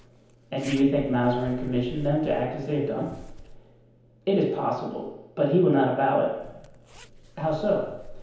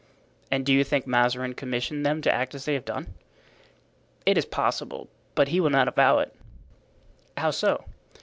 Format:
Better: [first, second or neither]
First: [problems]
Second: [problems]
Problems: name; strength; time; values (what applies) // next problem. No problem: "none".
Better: second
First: background sound (Zipper (clothing)); 18 dB below the speech // room echo; dies away in 1 s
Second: none